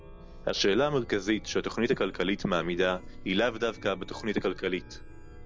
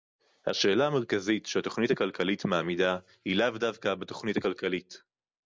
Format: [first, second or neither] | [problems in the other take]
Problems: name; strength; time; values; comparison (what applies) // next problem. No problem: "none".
second | background sound (Chime); 15 dB below the speech